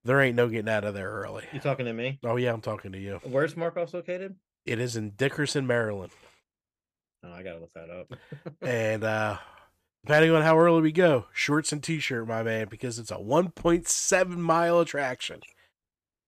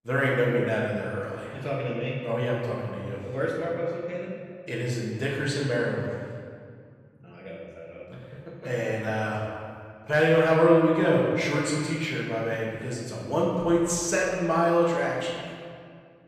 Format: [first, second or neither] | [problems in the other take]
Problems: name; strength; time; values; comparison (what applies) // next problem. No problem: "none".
first | room echo; noticeable; dies away in 1.8 s // off-mic speech; far